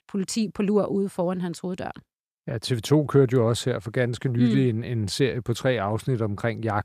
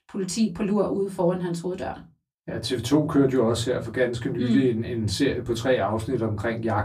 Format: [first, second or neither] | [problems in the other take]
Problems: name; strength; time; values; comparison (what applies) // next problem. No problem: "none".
first | off-mic speech; far // room echo; very slight; dies away in 0.2 s